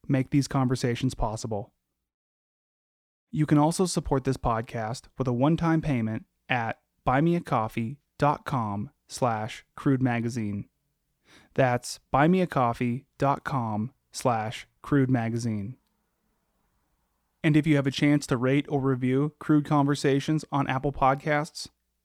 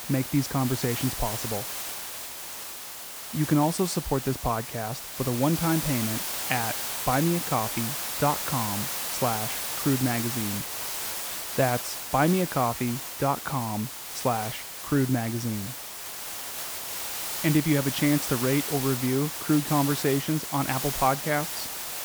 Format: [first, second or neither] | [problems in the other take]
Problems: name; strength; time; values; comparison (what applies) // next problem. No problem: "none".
first | hiss; loud; throughout; 3 dB below the speech